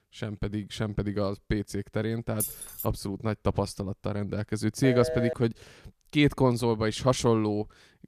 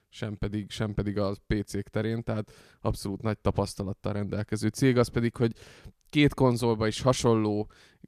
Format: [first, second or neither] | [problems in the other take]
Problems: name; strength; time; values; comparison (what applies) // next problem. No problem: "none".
second | jangling keys; noticeable; at 2.5 s; peak 4 dB below the speech // phone ringing; noticeable; at 5 s; peak 2 dB below the speech